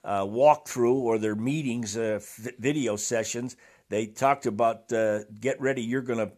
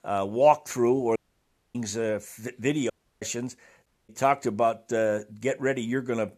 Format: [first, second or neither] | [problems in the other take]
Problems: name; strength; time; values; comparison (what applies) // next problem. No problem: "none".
first | audio cutting out; at 1 s for 0.5 s, at 3 s and at 4 s